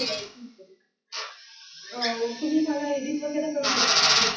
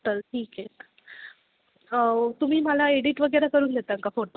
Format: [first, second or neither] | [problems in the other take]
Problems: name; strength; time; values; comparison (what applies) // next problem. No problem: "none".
second | noise reduction (classical method WPE with log-MMSE)